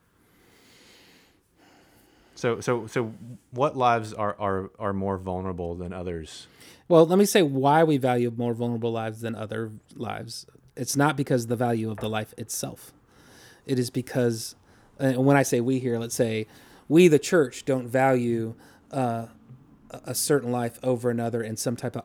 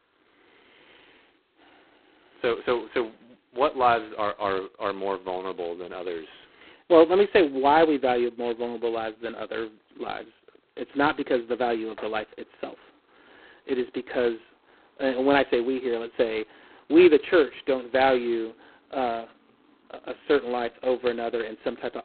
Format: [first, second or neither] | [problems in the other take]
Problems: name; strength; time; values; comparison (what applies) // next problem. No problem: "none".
first | phone-call audio; poor line; nothing above 4 kHz